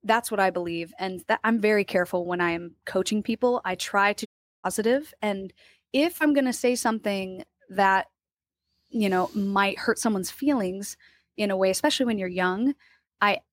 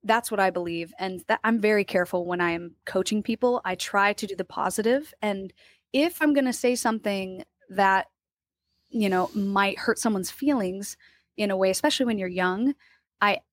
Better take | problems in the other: second | audio cutting out; at 4.5 s

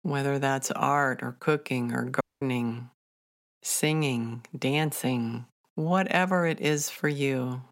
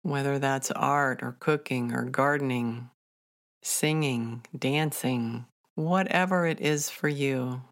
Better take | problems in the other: second | audio cutting out; at 2 s

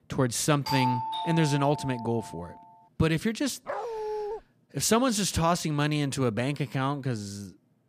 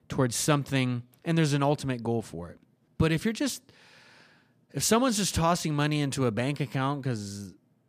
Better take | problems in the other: second | doorbell; noticeable; from 0.5 to 2.5 s; peak 1 dB below the speech // dog barking; noticeable; at 3.5 s; peak 6 dB below the speech

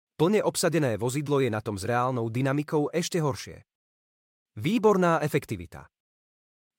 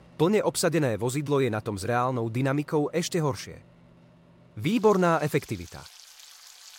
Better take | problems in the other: first | household noises; faint; throughout; 25 dB below the speech

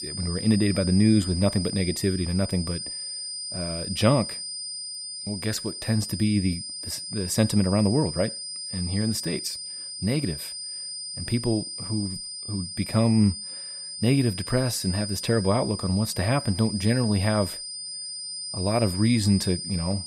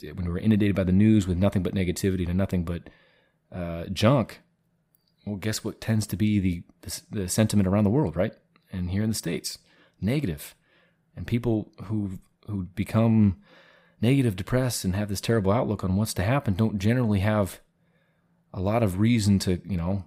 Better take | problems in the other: second | high-pitched whine; loud; throughout; 5 kHz, 7 dB below the speech

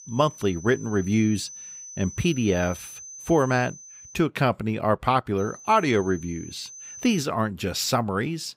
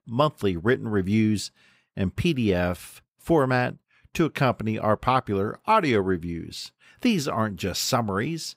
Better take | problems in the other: second | high-pitched whine; noticeable; until 4 s and from 5.5 to 7 s; 6 kHz, 15 dB below the speech

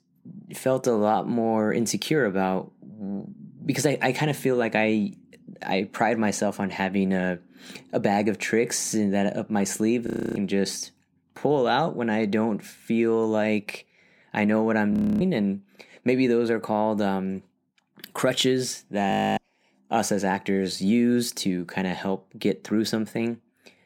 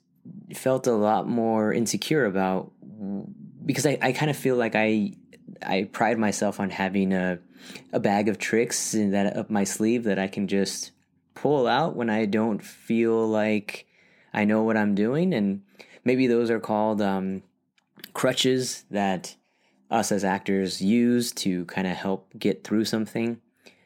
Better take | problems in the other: second | audio freezing; at 10 s, at 15 s and at 19 s

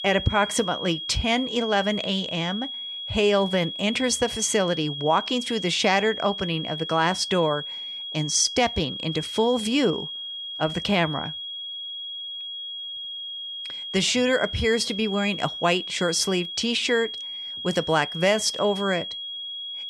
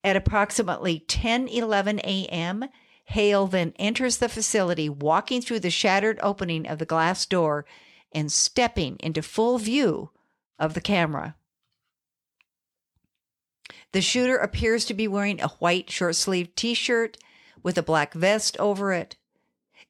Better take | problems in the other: second | high-pitched whine; loud; throughout; 3.5 kHz, 7 dB below the speech

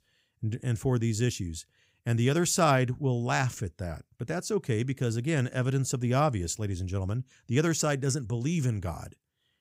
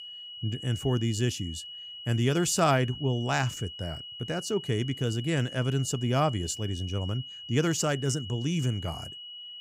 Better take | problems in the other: first | high-pitched whine; noticeable; throughout; 3 kHz, 10 dB below the speech

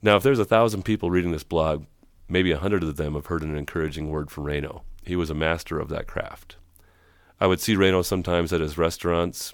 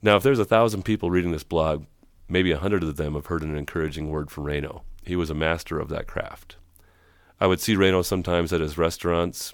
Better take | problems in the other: neither | none

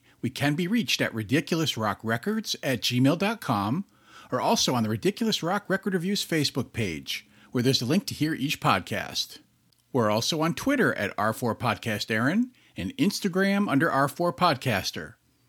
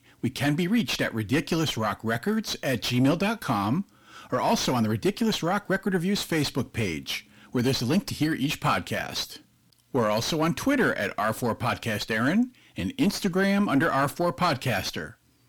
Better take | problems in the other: first | distortion; slight; 9 dB below the speech

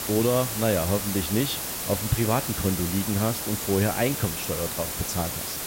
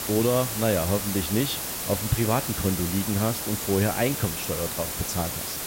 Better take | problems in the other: neither | hiss; loud; throughout; 2 dB below the speech; the same in both

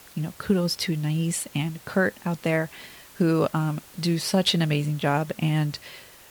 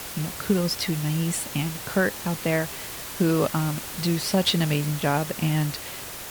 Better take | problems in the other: first | hiss; loud; throughout; 8 dB below the speech; faint in the first

